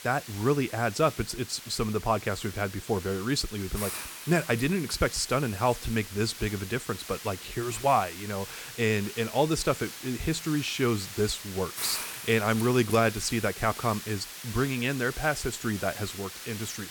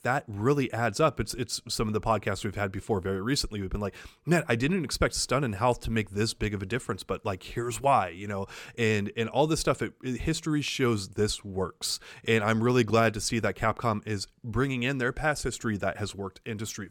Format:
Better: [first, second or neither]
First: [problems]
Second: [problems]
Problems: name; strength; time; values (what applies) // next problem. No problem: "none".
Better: second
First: hiss; loud; throughout; 10 dB below the speech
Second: none